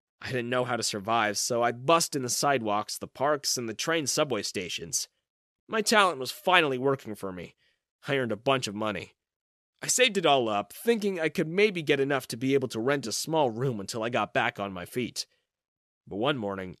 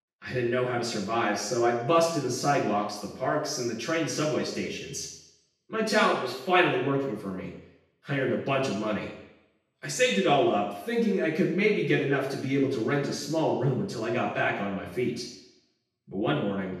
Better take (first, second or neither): first